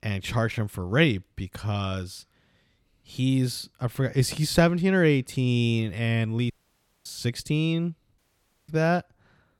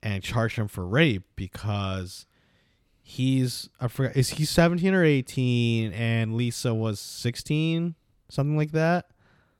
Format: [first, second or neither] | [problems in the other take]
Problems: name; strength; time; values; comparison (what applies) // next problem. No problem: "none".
second | audio cutting out; at 6.5 s for 0.5 s and at 8 s for 0.5 s